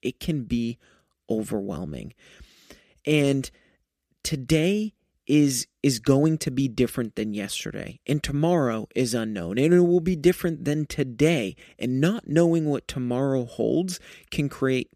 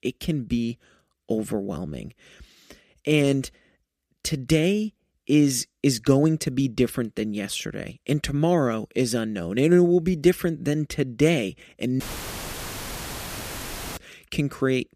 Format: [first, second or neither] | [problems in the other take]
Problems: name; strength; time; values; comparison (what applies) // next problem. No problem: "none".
first | audio cutting out; filled with static; at 12 s for 2 s